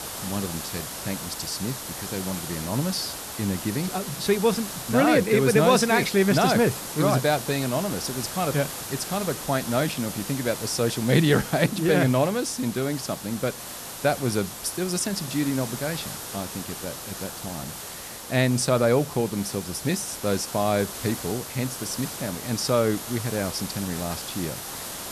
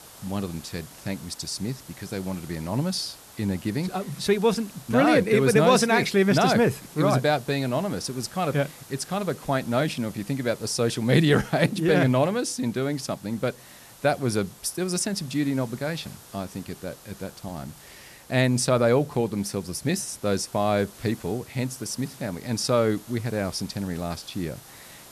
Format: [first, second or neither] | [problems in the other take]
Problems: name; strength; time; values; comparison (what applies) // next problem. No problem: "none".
second | hiss; loud; throughout; 8 dB below the speech; faint in the second